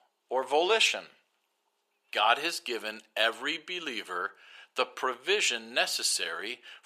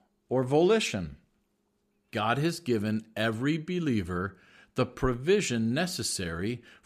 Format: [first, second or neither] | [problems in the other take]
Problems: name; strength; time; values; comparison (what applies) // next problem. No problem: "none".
second | thin; very; fading below 550 Hz